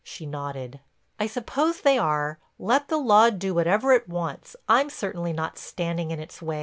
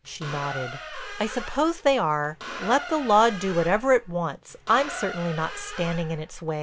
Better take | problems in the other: first | background sound (Squeak); 11 dB below the speech

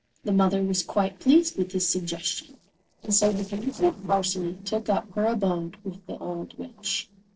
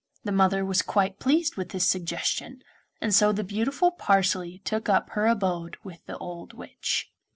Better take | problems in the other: second | noise reduction (neural separator model SepFormer DNS4)

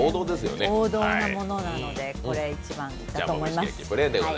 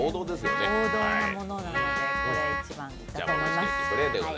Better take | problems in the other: first | background sound (Wind instrument, woodwind instrument); 1 dB above the speech

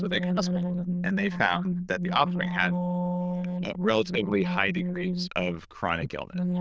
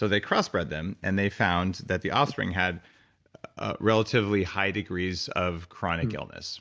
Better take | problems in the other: second | noise reduction (neural diffusion model UNIVERSE++)

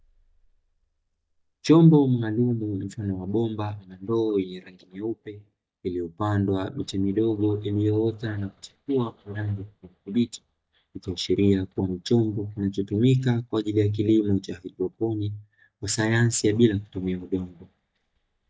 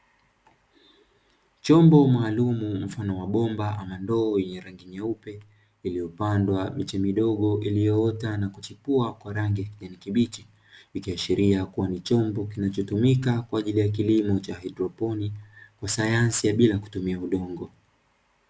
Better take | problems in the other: second | noise reduction (neural mask model DeepFilterNet 3)

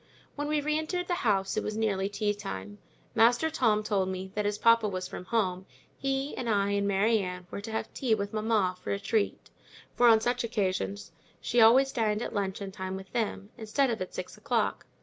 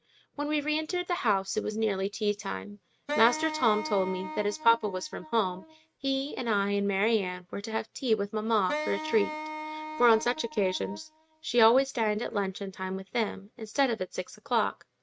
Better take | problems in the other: first | noise reduction (neural mask model RNNoise)

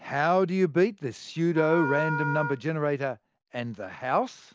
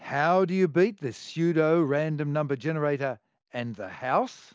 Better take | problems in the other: second | background sound (Wind instrument, woodwind instrument); 8 dB below the speech

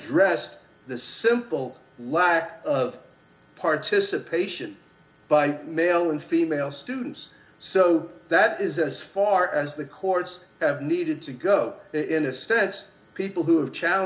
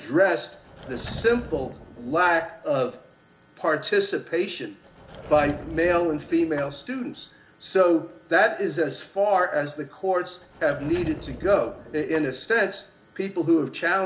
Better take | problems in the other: first | background sound (Sliding door / Wood); 15 dB below the speech

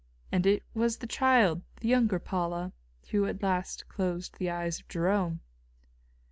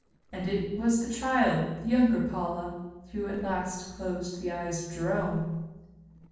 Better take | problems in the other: first | noise reduction (neural separator model SepFormer DNS4)

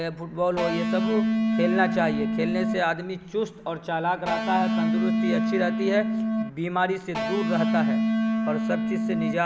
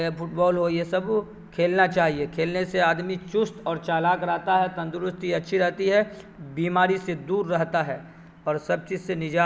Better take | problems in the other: second | background sound (Electric guitar); 3 dB above the speech

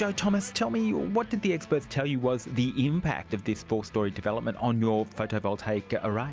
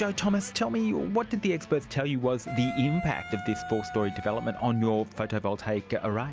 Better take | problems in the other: first | background sound (Wind instrument, woodwind instrument); 11 dB below the speech

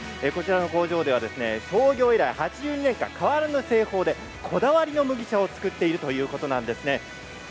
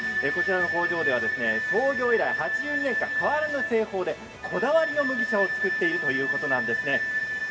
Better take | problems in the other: first | background sound (Wind instrument, woodwind instrument); as loud as the speech // room echo; dies away in 1.5 s

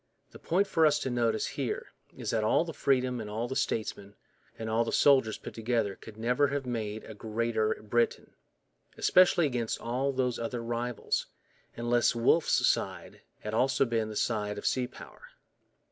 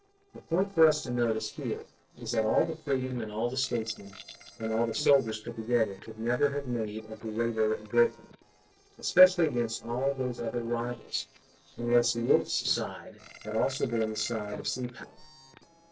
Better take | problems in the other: first | noise reduction (neural separator model SepFormer DNS4)

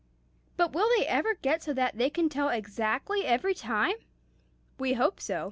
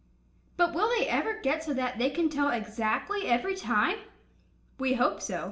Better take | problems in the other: first | room echo; dies away in 0.4 s

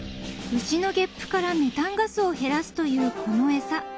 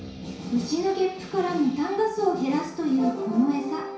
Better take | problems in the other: first | room echo; dies away in 0.6 s

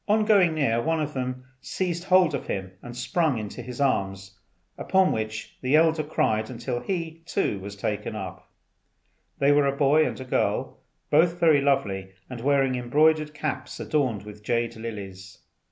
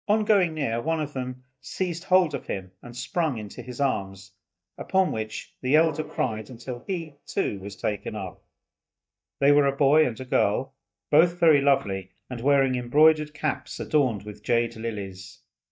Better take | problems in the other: first | noise reduction (neural mask model DeepFilterNet 3)

